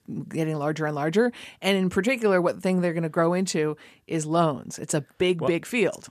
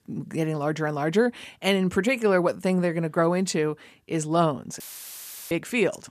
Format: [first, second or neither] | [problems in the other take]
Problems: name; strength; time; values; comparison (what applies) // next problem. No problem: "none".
first | audio cutting out; filled with static; at 5 s for 0.5 s